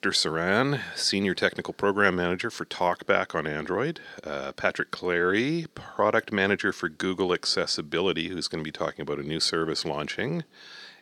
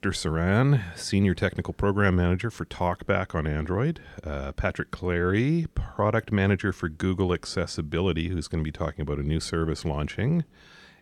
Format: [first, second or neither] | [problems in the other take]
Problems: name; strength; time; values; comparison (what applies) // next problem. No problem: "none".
second | thin; somewhat; fading below 300 Hz